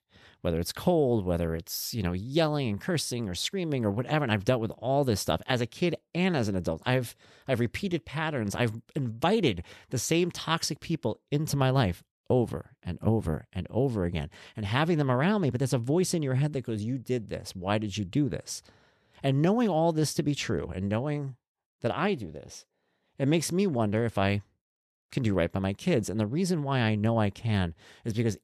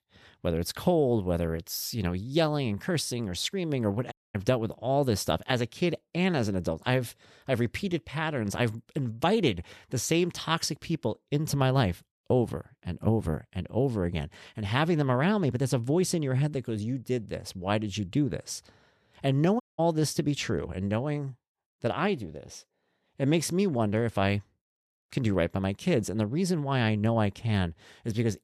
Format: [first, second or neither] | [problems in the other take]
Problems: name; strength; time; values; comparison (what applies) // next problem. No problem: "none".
first | audio cutting out; at 4 s and at 20 s